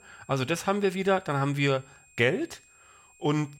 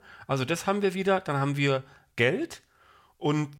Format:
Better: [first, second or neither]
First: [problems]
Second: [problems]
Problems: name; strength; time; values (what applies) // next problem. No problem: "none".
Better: second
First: high-pitched whine; faint; throughout; 2.5 kHz, 30 dB below the speech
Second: none